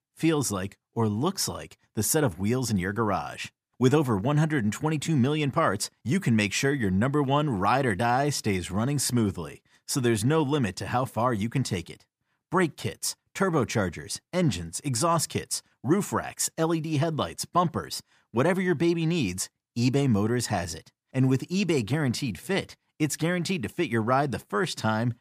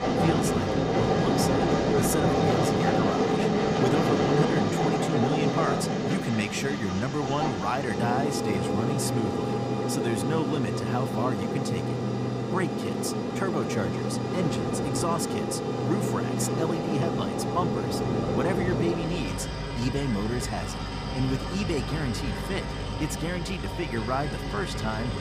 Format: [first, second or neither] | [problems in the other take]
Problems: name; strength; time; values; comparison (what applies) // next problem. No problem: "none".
first | train or aircraft noise; very loud; throughout; 3 dB above the speech